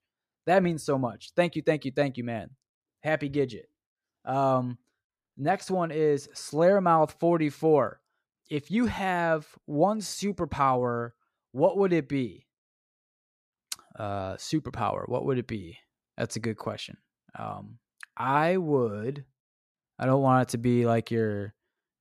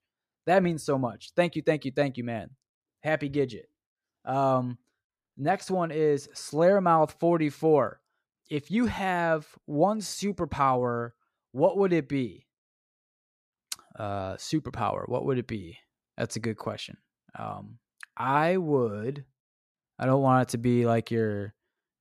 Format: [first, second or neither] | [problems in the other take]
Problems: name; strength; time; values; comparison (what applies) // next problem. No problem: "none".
neither | none